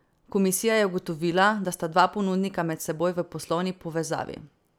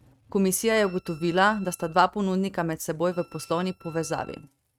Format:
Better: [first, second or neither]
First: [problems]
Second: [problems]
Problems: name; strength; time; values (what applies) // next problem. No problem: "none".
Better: first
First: none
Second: noise reduction (neural mask model RNNoise)